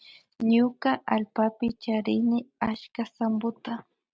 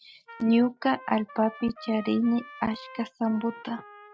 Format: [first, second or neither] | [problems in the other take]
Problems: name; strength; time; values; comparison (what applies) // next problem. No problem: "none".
first | noise reduction (classical method Wiener filter)